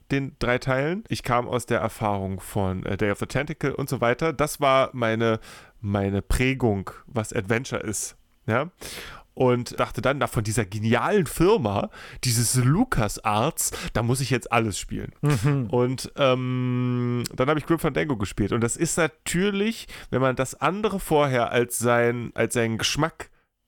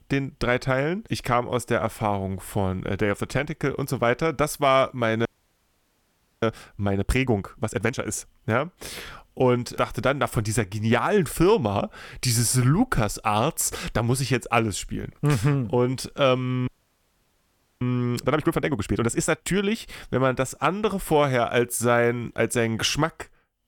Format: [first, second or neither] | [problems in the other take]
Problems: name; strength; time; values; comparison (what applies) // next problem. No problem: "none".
first | audio freezing; at 5.5 s for 1 s and at 17 s for 1 s